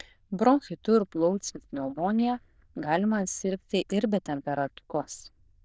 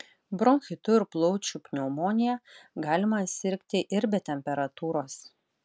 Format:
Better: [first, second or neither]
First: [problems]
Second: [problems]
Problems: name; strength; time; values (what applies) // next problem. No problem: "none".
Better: second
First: noise reduction (neural diffusion model UNIVERSE++)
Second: none